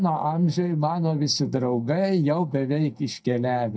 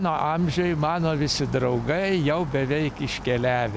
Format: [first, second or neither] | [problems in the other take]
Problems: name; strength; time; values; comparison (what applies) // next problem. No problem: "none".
second | noise reduction (neural mask model DeepFilterNet 3)